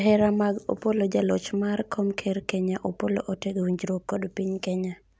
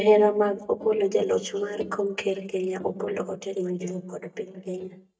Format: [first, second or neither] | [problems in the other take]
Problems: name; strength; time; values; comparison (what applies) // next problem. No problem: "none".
first | noise reduction (neural mask model DeepFilterNet 3)